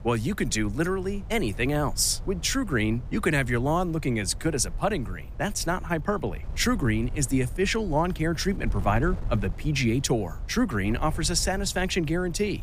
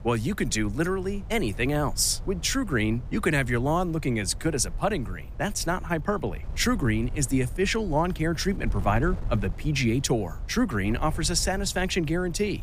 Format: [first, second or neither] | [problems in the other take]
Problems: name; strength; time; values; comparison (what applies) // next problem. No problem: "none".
neither | wind noise on the microphone; occasional gusts; 20 dB below the speech; the same in both